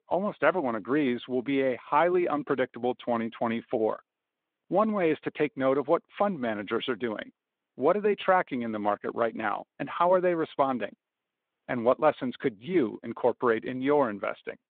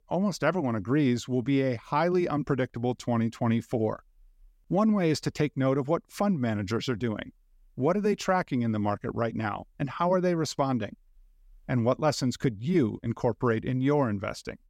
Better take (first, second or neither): second